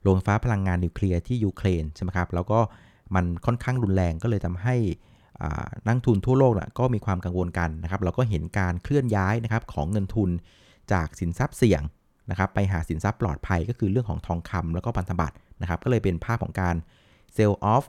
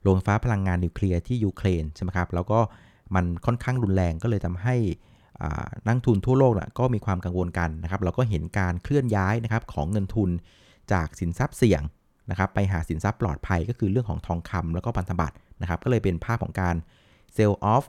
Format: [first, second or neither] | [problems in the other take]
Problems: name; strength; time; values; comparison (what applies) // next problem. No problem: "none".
neither | none